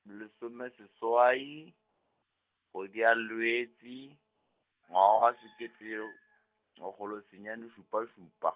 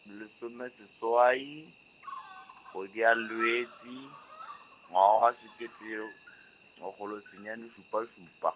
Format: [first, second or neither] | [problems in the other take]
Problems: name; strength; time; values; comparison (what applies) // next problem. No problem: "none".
first | background sound (Cricket); 17 dB below the speech